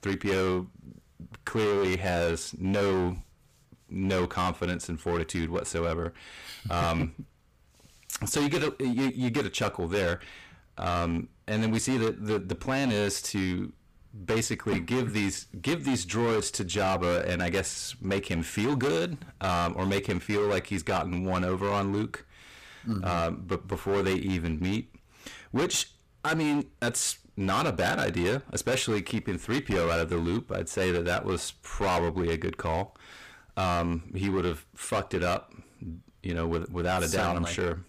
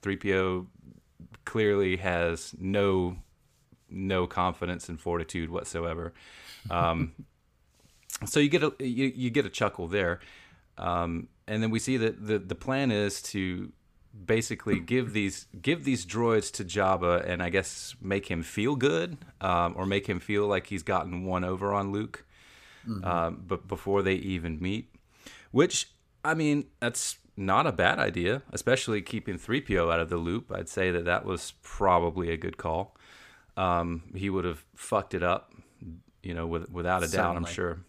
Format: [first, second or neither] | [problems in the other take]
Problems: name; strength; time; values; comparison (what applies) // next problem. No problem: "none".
second | distortion; heavy; 15% of the sound clipped